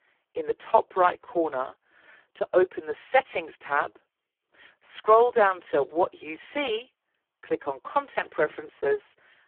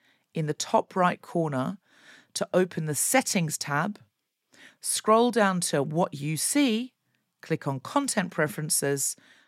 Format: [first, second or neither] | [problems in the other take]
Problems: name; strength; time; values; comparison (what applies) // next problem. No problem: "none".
second | phone-call audio; poor line